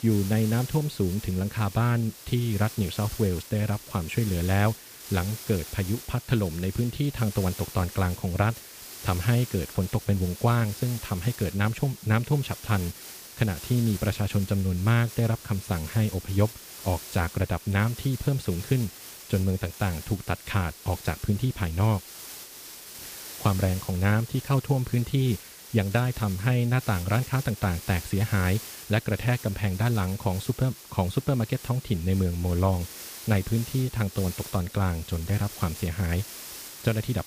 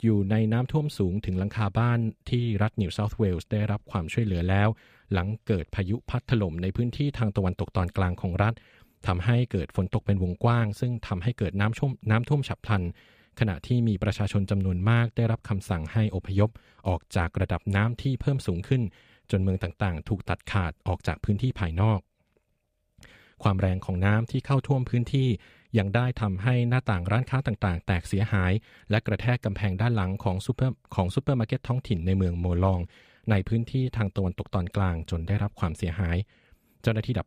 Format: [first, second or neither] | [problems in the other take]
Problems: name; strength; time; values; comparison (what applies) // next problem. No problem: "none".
second | hiss; noticeable; throughout; 15 dB below the speech